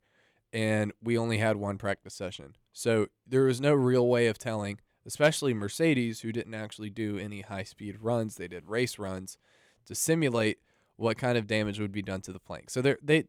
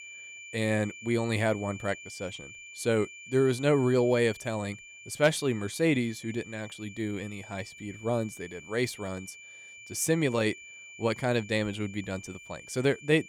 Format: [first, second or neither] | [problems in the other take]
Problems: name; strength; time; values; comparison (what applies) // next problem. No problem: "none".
first | high-pitched whine; noticeable; throughout; 2.5 kHz, 15 dB below the speech